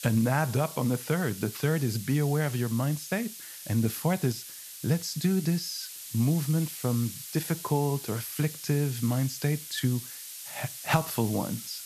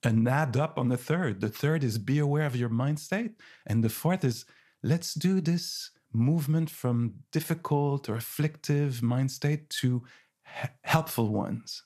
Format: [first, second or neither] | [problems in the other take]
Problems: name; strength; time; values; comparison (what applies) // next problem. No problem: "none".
second | hiss; noticeable; throughout; 10 dB below the speech